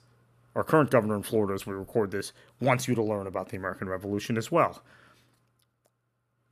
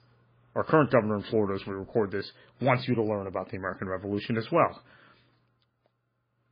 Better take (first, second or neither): first